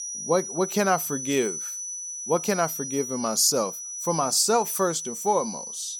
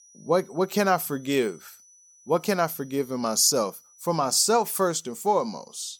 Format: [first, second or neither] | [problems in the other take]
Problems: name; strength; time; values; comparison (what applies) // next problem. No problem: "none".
second | high-pitched whine; loud; throughout; 6 kHz, 7 dB below the speech; faint in the second